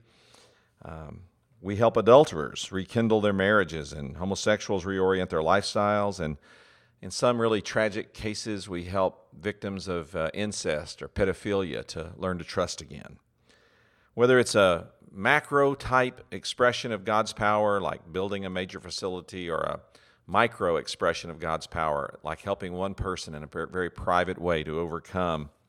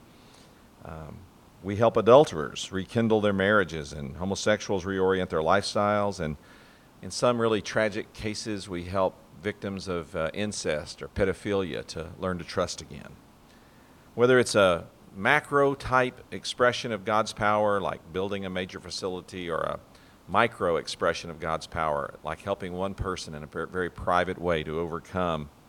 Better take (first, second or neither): first